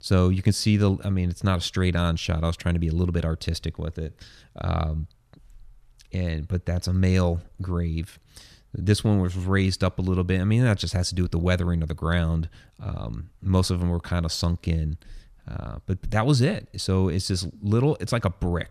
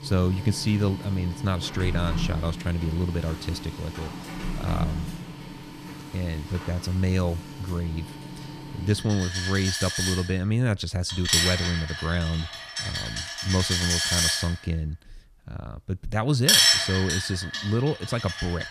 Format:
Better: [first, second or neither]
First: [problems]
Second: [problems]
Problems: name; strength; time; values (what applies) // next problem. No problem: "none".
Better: first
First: none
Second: household noises; very loud; throughout; 2 dB above the speech